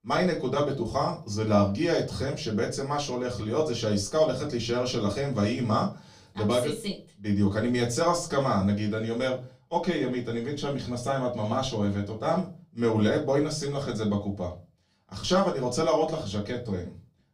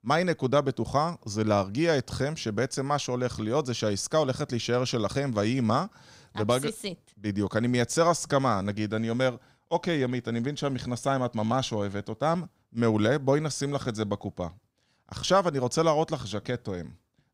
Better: second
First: off-mic speech; far // room echo; very slight; dies away in 0.2 s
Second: none

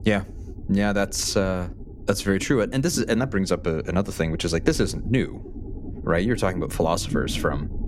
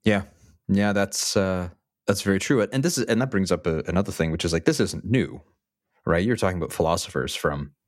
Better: second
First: low rumble; noticeable; throughout; 15 dB below the speech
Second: none

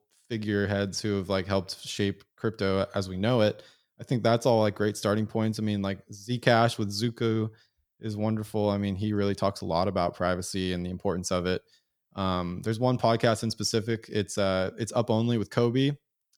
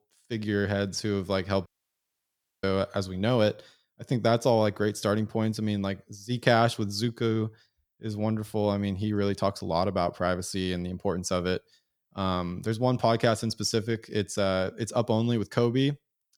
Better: first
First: none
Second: audio cutting out; at 1.5 s for 1 s

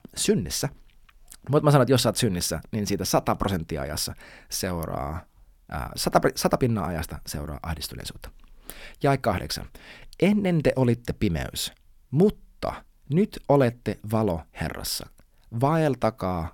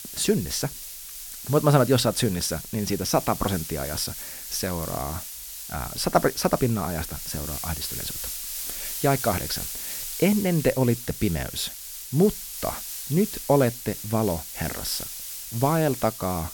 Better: first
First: none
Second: hiss; loud; throughout; 7 dB below the speech

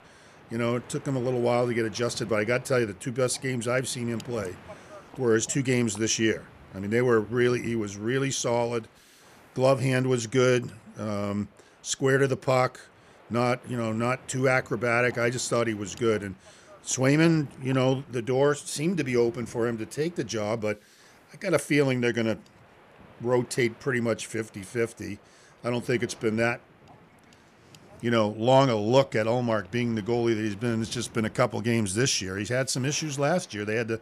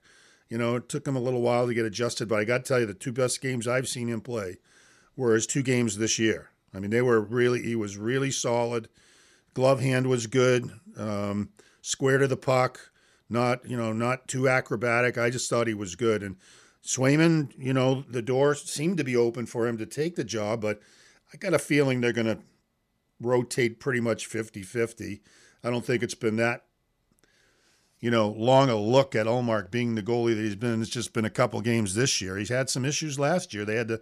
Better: second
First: wind noise on the microphone; occasional gusts; 25 dB below the speech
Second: none

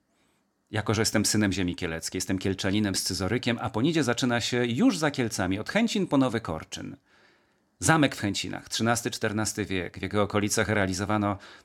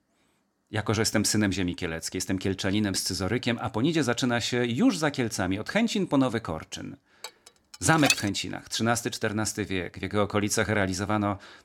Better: first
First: none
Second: clattering dishes; loud; at 7 s; peak 1 dB above the speech

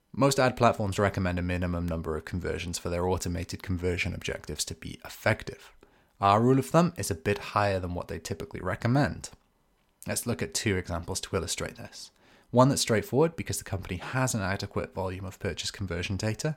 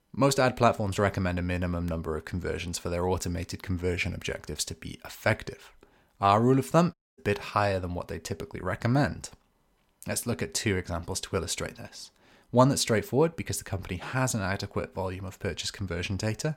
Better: first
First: none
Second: audio cutting out; at 7 s

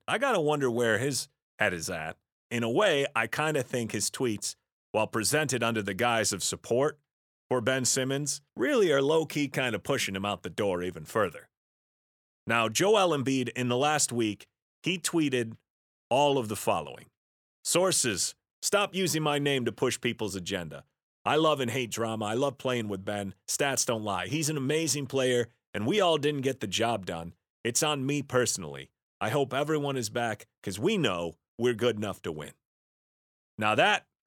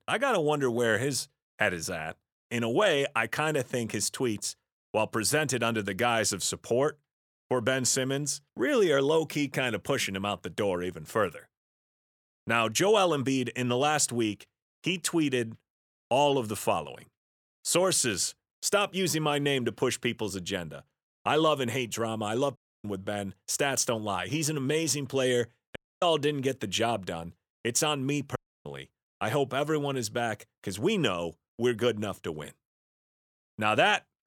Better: first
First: none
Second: audio cutting out; at 23 s, at 26 s and at 28 s

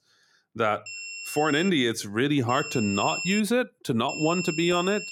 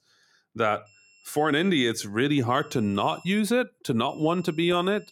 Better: second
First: high-pitched whine; loud; at 1 s, at 2.5 s and from 4 s on; 2.5 kHz, 7 dB below the speech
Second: high-pitched whine; faint; at 1 s, at 2.5 s and from 4 s on; 2.5 kHz, 30 dB below the speech

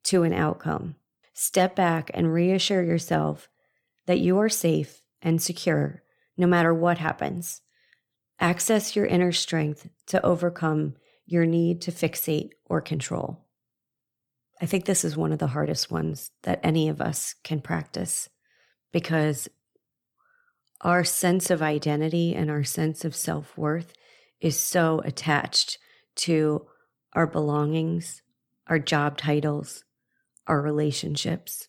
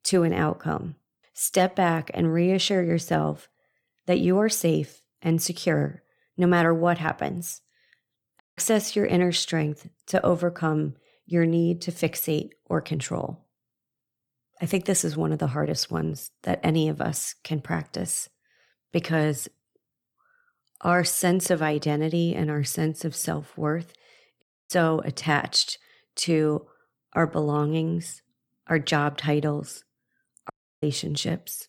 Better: first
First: none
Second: audio cutting out; at 8.5 s, at 24 s and at 31 s

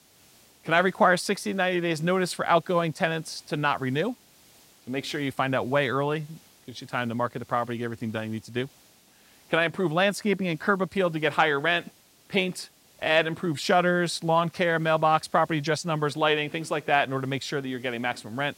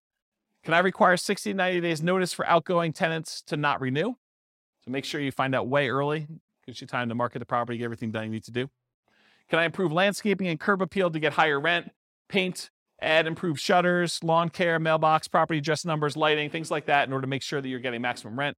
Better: second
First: hiss; faint; throughout; 30 dB below the speech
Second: none

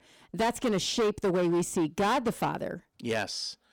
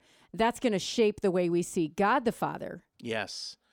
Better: second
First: distortion; heavy; 14% of the sound clipped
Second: none

